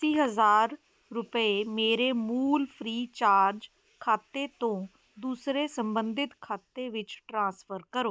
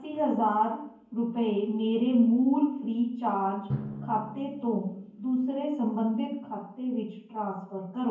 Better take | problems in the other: first | background sound (Drum); 16 dB below the speech // room echo; dies away in 0.9 s

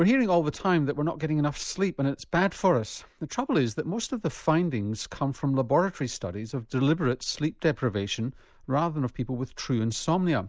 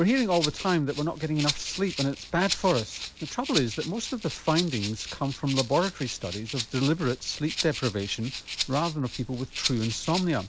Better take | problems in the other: first | background sound (Rattle (instrument)); 8 dB below the speech

